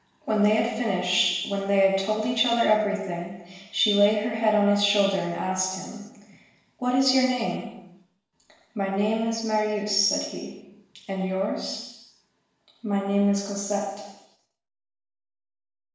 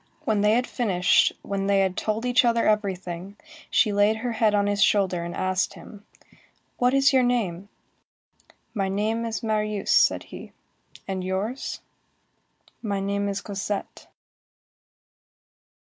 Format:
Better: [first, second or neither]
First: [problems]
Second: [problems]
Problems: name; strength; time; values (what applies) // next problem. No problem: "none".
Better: second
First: room echo; dies away in 0.9 s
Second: none